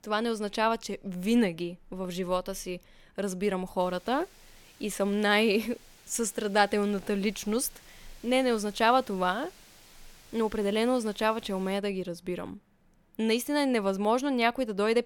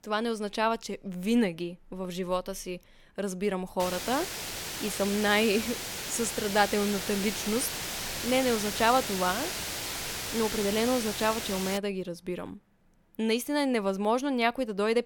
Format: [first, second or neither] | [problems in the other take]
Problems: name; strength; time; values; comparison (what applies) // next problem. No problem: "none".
first | hiss; loud; from 4 to 12 s; 4 dB below the speech; faint in the first